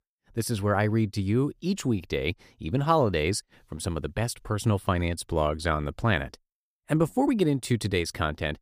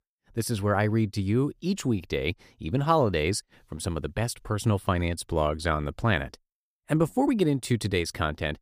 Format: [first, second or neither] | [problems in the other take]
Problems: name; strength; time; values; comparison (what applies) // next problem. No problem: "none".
neither | none